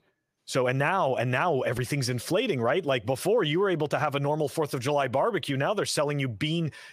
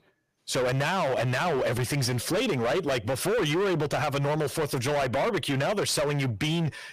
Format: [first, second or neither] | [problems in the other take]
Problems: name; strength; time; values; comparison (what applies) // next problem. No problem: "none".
first | distortion; heavy; 28% of the sound clipped